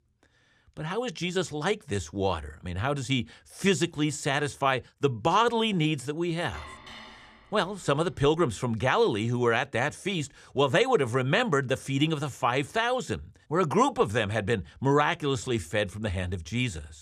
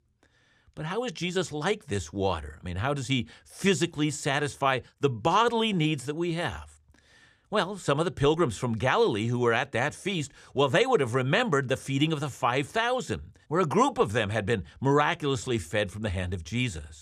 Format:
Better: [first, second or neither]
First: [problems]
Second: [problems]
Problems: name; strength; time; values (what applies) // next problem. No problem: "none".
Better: second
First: clattering dishes; faint; from 6.5 to 8.5 s; peak 15 dB below the speech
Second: none